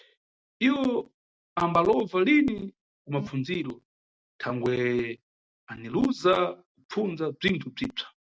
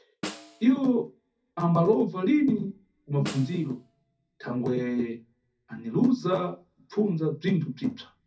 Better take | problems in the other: first | background sound (Snare drum); 17 dB below the speech // room echo; dies away in 0.3 s

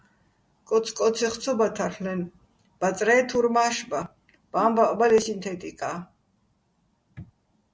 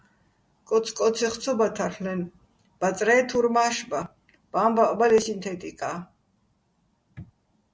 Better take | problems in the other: second | background sound (Wind instrument, woodwind instrument); 15 dB below the speech

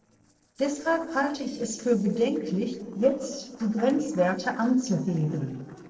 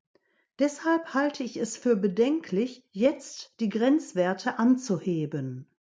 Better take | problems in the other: second | noise reduction (neural separator model SepFormer DNS4)

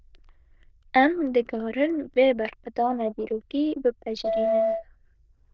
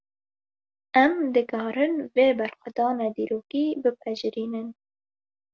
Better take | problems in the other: second | noise reduction (neural diffusion model UNIVERSE++)

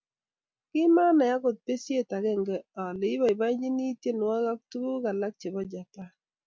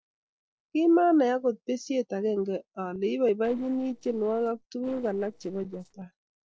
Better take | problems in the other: first | noise reduction (neural separator model SepFormer DNS4)

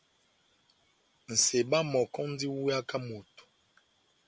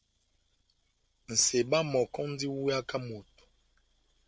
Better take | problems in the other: first | noise reduction (neural separator model SepFormer DNS4)

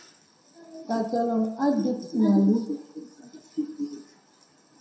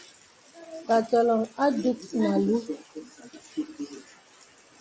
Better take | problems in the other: second | room echo; dies away in 0.6 s

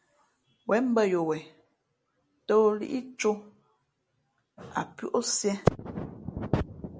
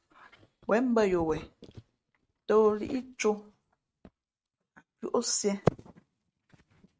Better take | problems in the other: first | noise reduction (neural mask model RNNoise)

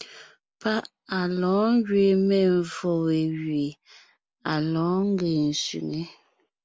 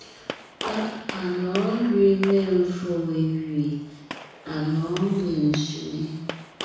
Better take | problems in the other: first | background sound (Gunshot, gunfire); 13 dB below the speech // room echo; dies away in 1.1 s

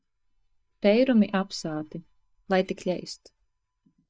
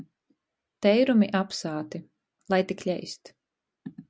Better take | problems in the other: second | noise reduction (neural mask model DeepFilterNet 3)

